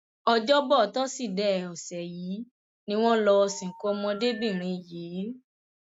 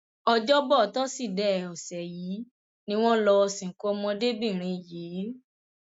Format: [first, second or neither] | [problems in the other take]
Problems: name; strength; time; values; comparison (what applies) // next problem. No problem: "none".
second | background sound (Telephone); 19 dB below the speech